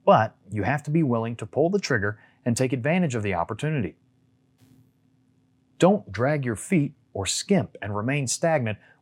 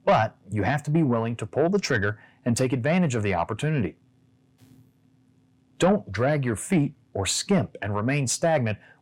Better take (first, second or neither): first